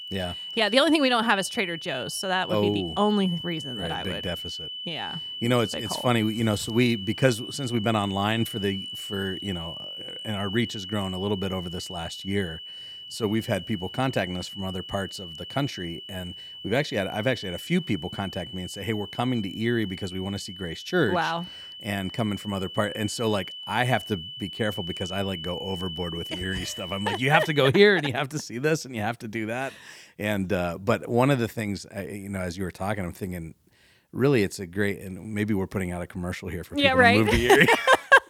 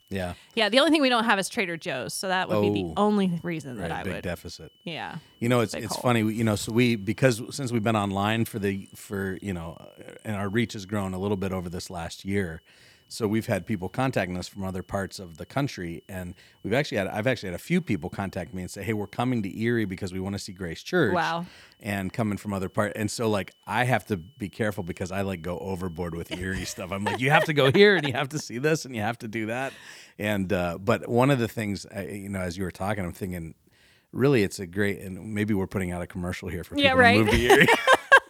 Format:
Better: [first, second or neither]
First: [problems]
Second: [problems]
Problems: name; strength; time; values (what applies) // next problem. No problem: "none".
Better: second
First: high-pitched whine; loud; until 28 s; 3 kHz, 10 dB below the speech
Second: high-pitched whine; faint; until 28 s; 3 kHz, 35 dB below the speech